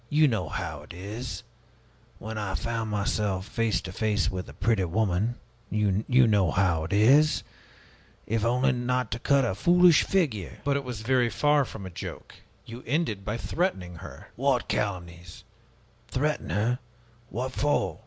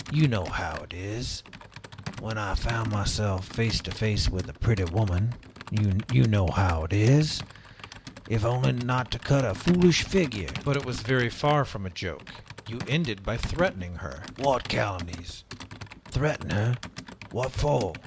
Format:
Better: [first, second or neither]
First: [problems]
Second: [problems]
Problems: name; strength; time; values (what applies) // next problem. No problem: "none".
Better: first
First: none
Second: background sound (Computer keyboard); 15 dB below the speech